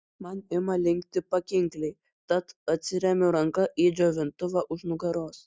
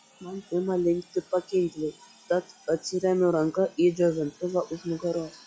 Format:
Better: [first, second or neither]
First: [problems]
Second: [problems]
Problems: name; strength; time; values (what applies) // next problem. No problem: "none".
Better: first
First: none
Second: noise reduction (classical method log-MMSE)